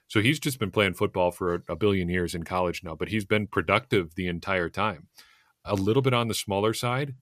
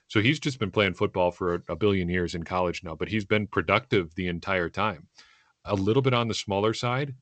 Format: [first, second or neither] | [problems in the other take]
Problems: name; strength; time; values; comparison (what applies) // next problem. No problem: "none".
first | garbled, watery; slightly; nothing above 8 kHz